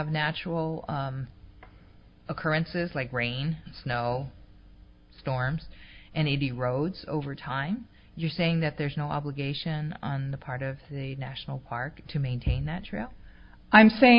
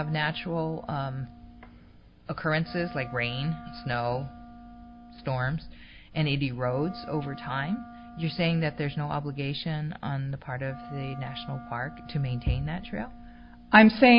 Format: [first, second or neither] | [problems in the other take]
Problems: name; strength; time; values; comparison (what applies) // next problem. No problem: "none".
first | background sound (Wind instrument, woodwind instrument); 18 dB below the speech